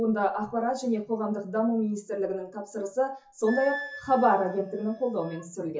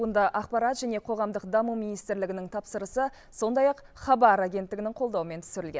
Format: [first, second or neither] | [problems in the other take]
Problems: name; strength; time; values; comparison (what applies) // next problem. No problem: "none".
second | noise reduction (classical method WPE with log-MMSE)